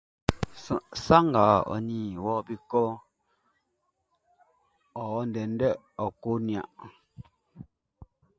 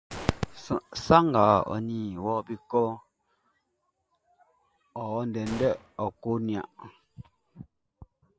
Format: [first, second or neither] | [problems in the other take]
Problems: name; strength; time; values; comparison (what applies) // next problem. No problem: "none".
first | background sound (Gunshot, gunfire); 19 dB below the speech